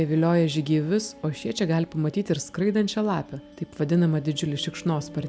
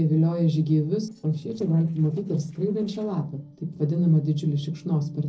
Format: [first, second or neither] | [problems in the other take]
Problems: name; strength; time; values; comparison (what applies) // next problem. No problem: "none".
first | noise reduction (neural separator model SepFormer DNS4)